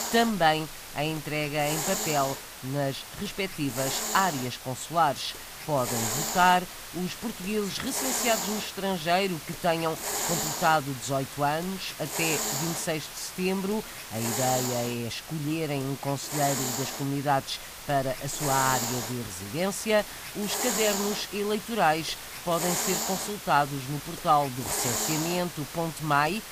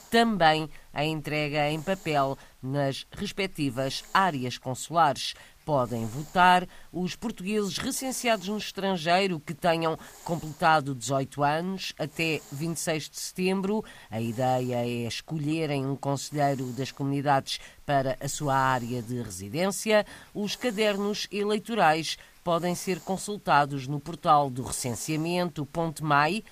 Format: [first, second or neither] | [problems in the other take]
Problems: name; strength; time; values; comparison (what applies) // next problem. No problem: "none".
second | hiss; loud; throughout; 4 dB below the speech; faint in the second